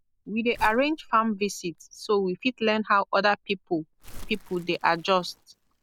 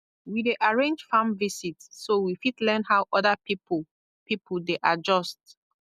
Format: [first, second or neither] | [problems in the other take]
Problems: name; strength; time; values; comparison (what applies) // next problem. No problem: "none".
second | background sound (Crumpling, crinkling); 19 dB below the speech